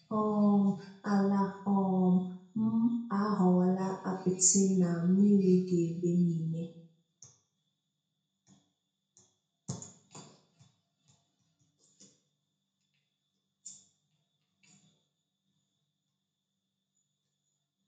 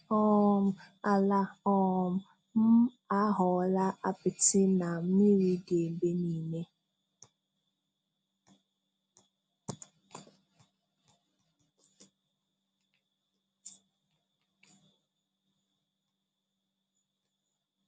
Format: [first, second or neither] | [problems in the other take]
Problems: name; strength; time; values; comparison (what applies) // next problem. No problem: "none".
second | room echo; dies away in 0.5 s